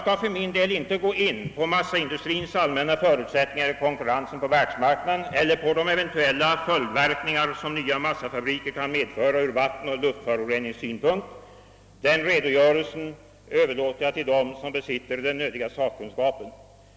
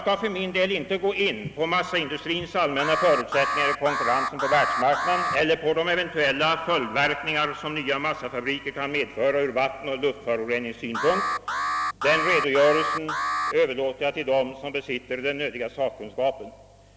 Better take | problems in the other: first | background sound (Alarm); 3 dB below the speech

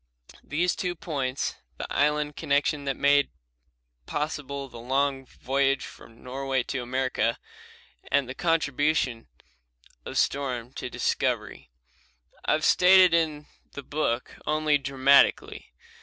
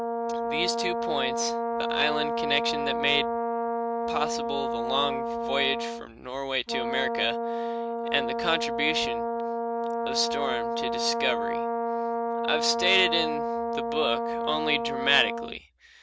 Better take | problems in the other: first | background sound (Brass instrument); 1 dB above the speech

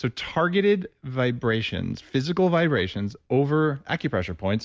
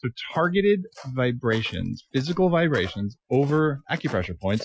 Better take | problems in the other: first | noise reduction (classical method Wiener filter)

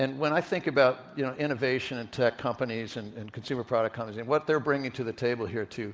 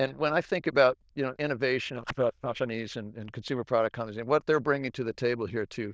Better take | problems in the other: first | noise reduction (neural diffusion model UNIVERSE++)

